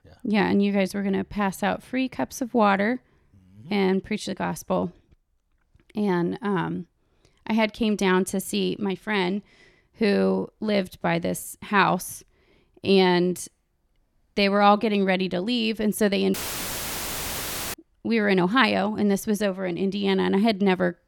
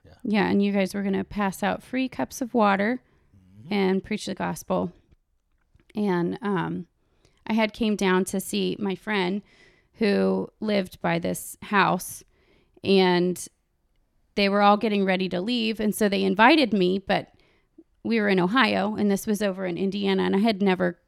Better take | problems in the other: second | audio cutting out; filled with static; at 16 s for 1.5 s

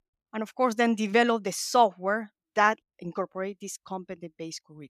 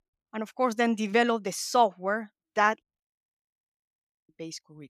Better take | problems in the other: first | audio freezing; at 3 s for 1.5 s

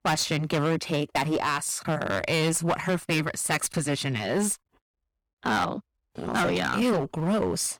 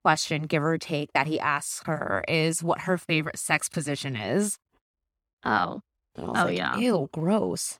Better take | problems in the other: second | distortion; heavy; 11% of the sound clipped

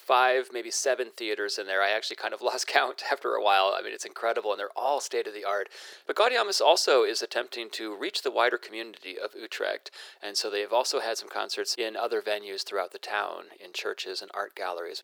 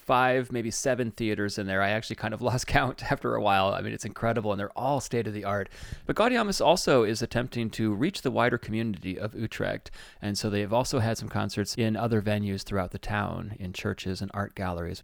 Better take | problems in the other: second | thin; very; fading below 400 Hz

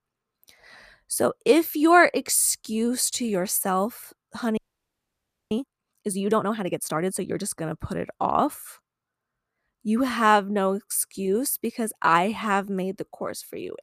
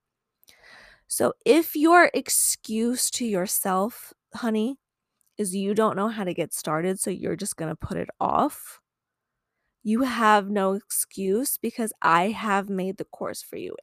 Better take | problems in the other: second | audio freezing; at 4.5 s for 1 s

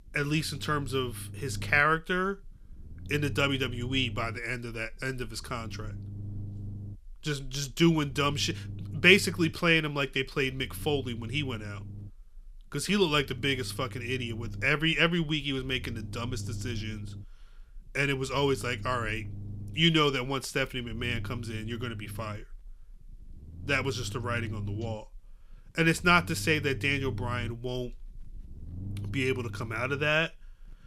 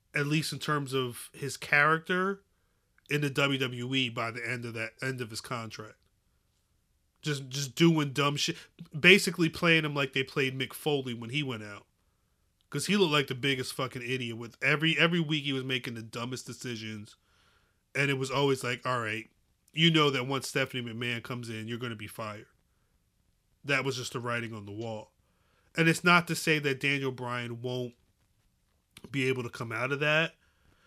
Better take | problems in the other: second | low rumble; faint; throughout; 25 dB below the speech

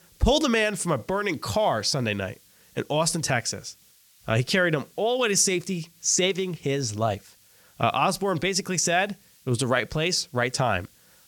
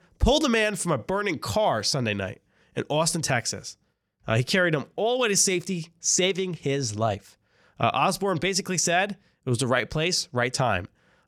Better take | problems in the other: second | hiss; faint; throughout; 30 dB below the speech

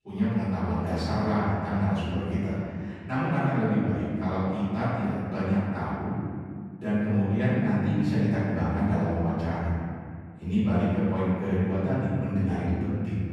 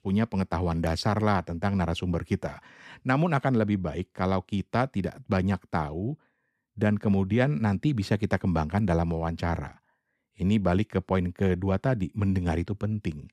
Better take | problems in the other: second | off-mic speech; far // room echo; strong; dies away in 2.3 s

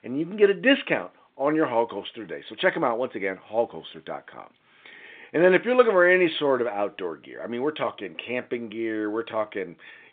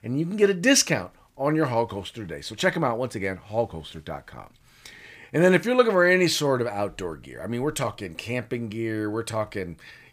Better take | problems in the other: second | phone-call audio

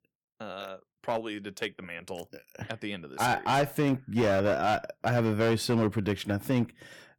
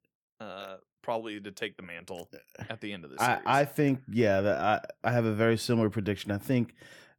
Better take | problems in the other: second | distortion; slight; 8% of the sound clipped

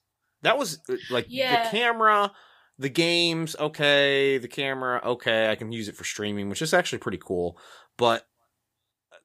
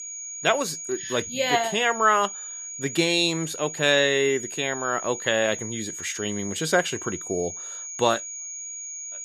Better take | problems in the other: first | high-pitched whine; loud; throughout; 6.5 kHz, 9 dB below the speech

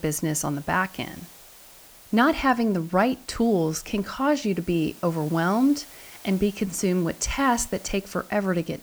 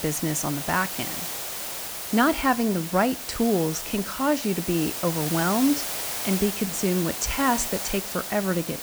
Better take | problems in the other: first | hiss; loud; throughout; 4 dB below the speech; faint in the first

